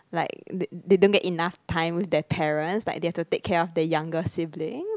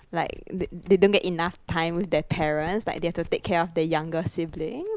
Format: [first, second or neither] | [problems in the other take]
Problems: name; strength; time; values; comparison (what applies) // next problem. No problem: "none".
first | noise reduction (neural mask model Resemble Enhance denoiser)